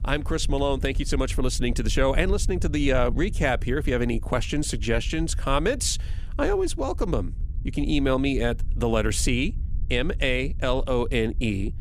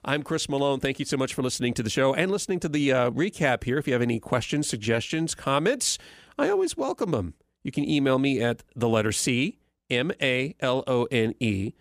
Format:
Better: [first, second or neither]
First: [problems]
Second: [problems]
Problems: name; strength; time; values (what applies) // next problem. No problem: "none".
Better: second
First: low rumble; faint; throughout; 25 dB below the speech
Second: none